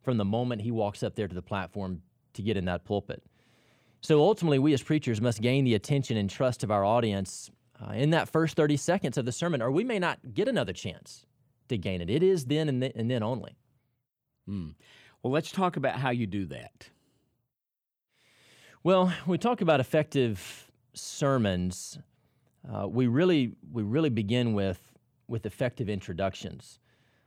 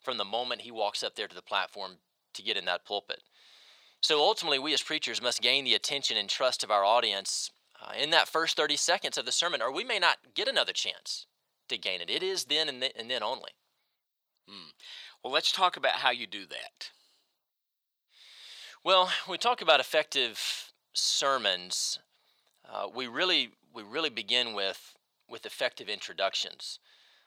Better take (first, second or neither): first